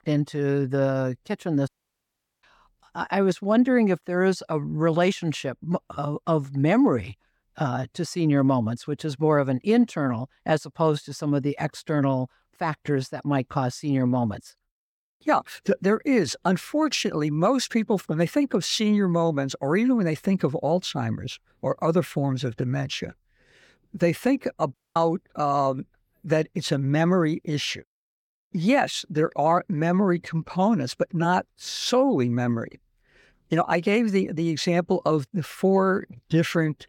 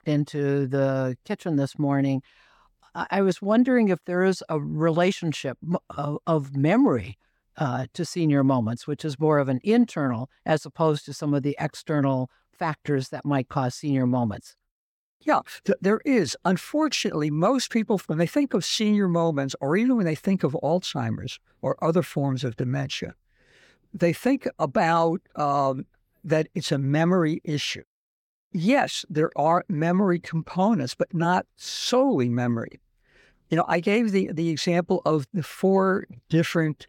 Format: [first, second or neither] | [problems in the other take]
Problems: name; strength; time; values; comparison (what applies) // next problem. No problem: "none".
second | audio cutting out; at 1.5 s for 1 s and at 25 s